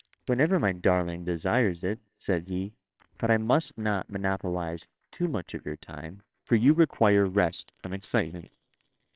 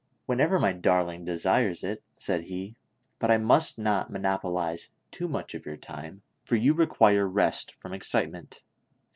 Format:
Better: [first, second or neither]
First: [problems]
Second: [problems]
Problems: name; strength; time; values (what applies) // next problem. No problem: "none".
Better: second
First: noise reduction (neural separator model SepFormer WHAMR!)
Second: none